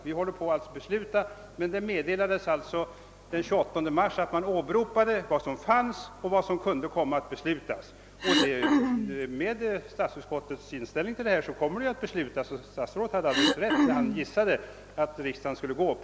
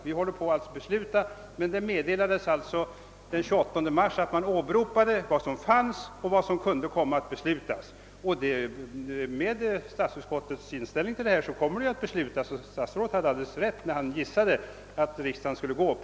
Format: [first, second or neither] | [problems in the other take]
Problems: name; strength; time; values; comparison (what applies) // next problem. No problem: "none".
second | background sound (Cough); 3 dB above the speech